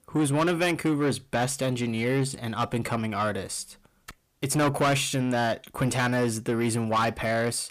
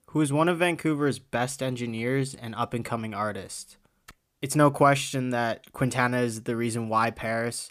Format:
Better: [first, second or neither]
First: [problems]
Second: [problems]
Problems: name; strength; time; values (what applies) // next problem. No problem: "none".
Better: second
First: distortion; heavy; 7 dB below the speech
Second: none